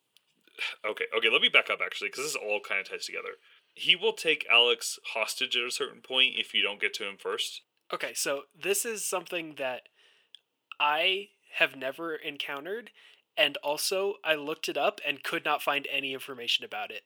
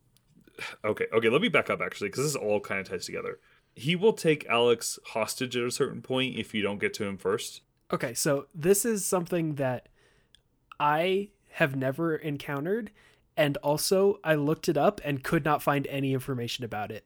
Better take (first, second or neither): second